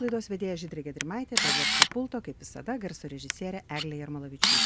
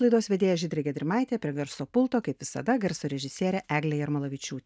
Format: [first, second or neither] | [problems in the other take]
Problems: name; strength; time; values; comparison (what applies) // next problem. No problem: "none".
second | background sound (Camera); 4 dB above the speech